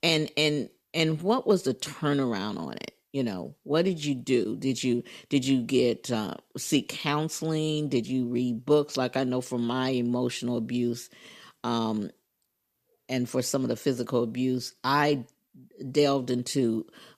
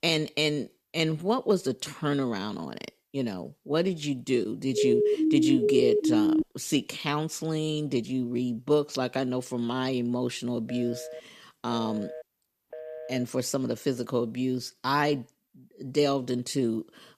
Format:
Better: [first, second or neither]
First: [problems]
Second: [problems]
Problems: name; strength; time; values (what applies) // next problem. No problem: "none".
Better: first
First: none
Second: siren; loud; from 4.5 to 6.5 s; peak 5 dB above the speech // phone ringing; faint; from 11 to 13 s; peak 10 dB below the speech